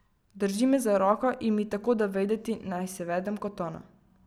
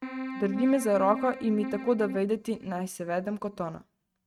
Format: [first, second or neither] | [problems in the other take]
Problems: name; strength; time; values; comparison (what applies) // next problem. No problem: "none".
first | noise reduction (neural mask model RNNoise)